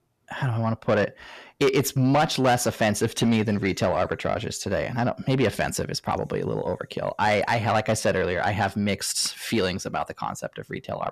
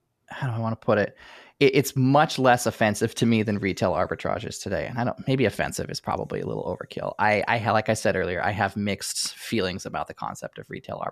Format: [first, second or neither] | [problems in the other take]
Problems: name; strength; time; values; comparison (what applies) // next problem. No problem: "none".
second | distortion; slight; 10 dB below the speech